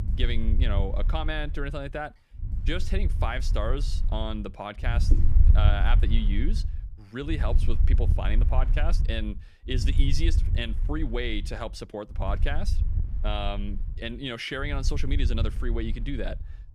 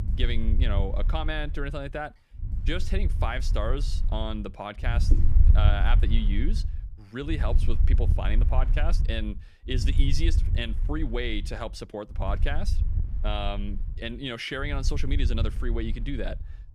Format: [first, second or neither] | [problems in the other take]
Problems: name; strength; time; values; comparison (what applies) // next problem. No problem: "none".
neither | wind noise on the microphone; occasional gusts; 10 dB below the speech; the same in both